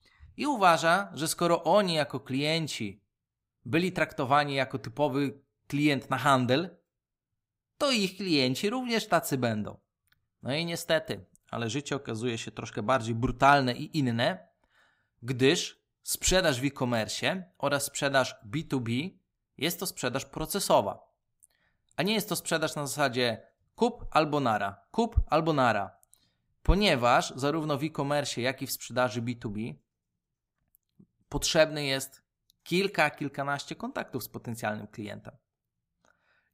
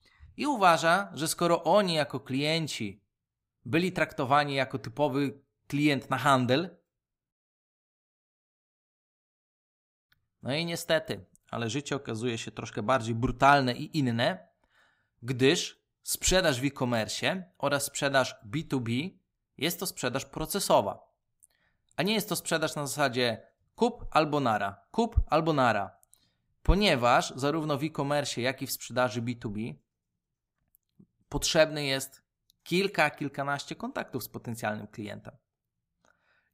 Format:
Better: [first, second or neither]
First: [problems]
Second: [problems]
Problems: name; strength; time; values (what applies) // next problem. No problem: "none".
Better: first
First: none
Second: audio cutting out; at 7.5 s for 3 s